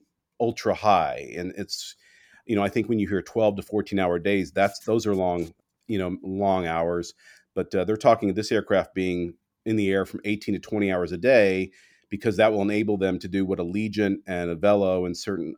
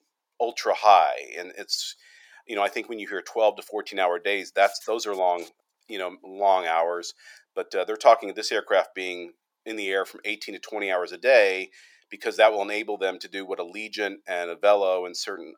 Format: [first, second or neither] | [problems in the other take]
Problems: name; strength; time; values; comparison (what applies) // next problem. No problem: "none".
first | thin; very; fading below 550 Hz